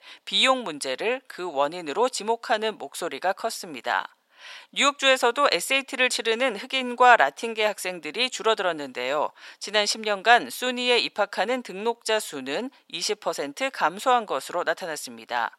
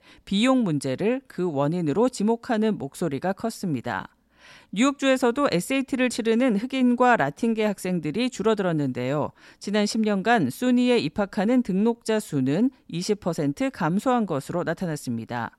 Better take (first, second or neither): second